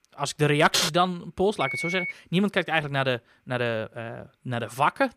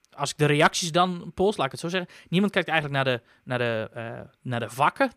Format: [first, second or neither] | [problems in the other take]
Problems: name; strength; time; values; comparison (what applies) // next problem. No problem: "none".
second | keyboard typing; loud; at 0.5 s; peak level with the speech // phone ringing; noticeable; at 1.5 s; peak 3 dB below the speech